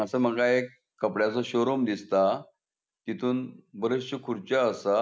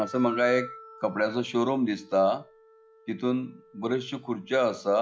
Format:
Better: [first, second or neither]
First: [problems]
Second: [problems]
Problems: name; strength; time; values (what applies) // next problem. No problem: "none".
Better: first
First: none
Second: noise reduction (classical method log-MMSE)